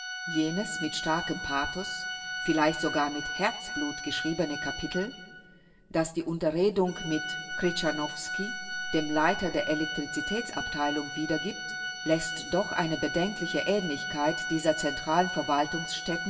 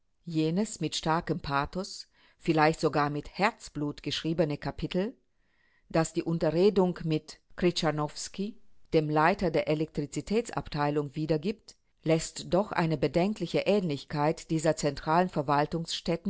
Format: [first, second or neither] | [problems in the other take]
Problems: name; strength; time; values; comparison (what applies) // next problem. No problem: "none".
second | background sound (Organ); 6 dB below the speech // room echo; dies away in 3 s